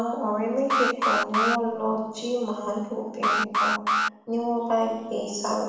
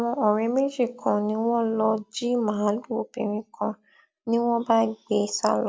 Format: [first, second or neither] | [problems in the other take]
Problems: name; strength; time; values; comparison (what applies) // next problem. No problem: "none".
second | background sound (Alarm); 1 dB above the speech // room echo; dies away in 1 s